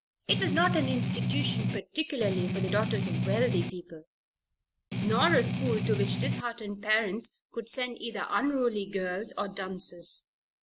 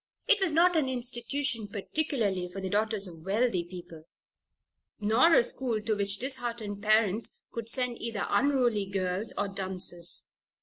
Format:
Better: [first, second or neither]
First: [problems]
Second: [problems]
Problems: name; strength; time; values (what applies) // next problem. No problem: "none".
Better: second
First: background sound (Strum); 2 dB above the speech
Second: none